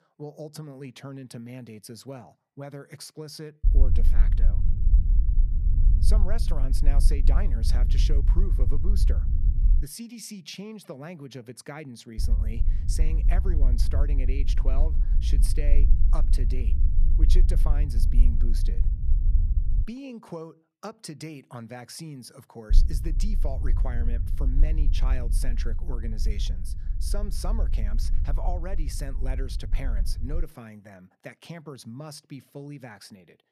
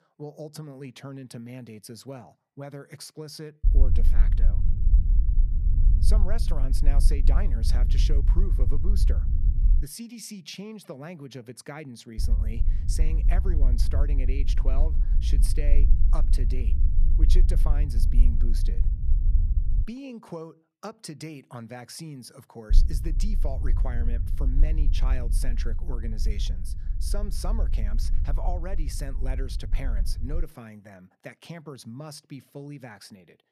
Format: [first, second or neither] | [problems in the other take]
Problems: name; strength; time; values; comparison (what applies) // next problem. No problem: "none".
neither | low rumble; loud; from 3.5 to 10 s, from 12 to 20 s and from 23 to 30 s; 7 dB below the speech; the same in both